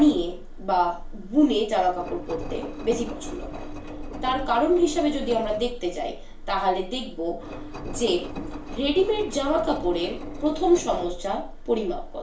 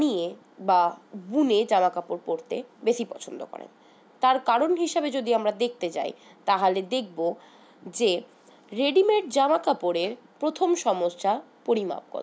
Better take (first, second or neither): second